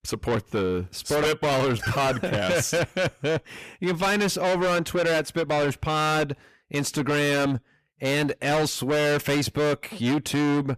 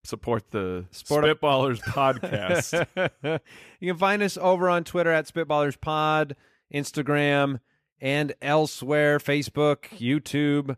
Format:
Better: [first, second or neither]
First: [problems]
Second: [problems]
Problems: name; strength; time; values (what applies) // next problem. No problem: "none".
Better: second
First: distortion; heavy; 6 dB below the speech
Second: none